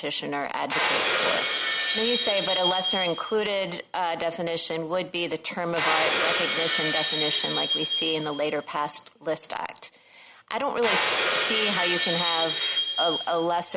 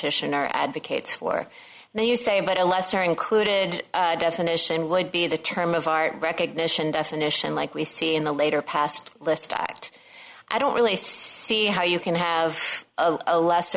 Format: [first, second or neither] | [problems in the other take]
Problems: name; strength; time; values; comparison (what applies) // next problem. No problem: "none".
second | background sound (Shatter); as loud as the speech